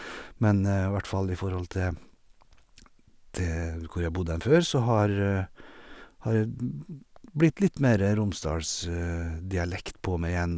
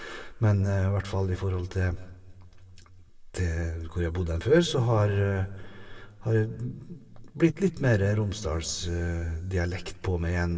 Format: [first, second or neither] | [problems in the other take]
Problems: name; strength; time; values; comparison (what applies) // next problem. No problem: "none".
first | room echo; dies away in 1 s